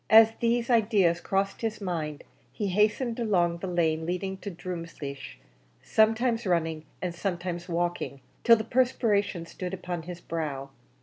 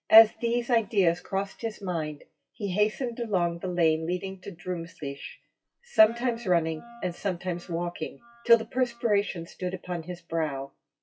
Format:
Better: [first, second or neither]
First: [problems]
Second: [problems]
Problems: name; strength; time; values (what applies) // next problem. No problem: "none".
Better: first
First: none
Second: noise reduction (classical method WPE with log-MMSE)